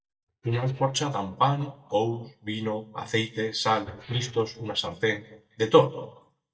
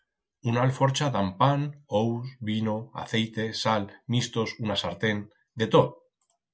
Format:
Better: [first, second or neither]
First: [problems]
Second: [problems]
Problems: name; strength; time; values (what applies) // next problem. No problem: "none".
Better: second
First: noise reduction (neural mask model DeepFilterNet 3)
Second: none